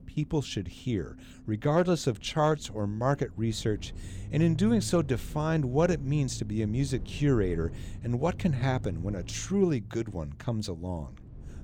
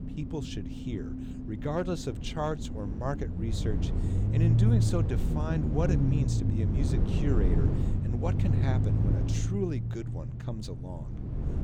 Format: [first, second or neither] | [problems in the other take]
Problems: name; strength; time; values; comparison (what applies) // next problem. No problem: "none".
first | low rumble; loud; throughout; 2 dB below the speech; faint in the first